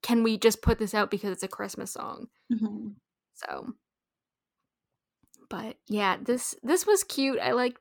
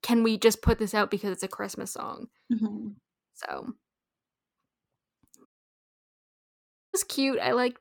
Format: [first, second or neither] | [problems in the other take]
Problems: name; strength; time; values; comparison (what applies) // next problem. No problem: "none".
first | audio cutting out; at 5.5 s for 1.5 s